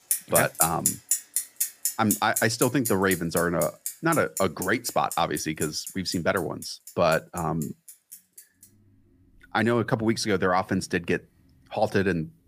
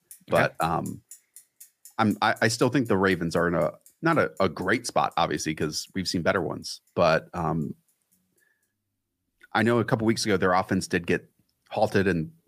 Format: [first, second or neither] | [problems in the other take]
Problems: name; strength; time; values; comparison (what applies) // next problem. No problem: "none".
second | traffic noise; loud; throughout; 4 dB below the speech; faint in the second